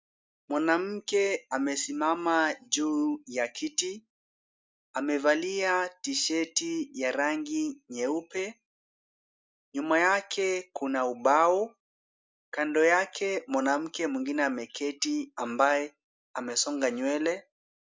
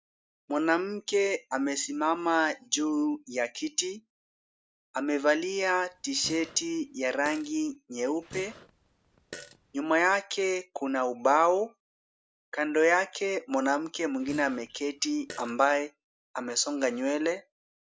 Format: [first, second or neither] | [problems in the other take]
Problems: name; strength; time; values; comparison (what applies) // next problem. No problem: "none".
first | background sound (Fart); 19 dB below the speech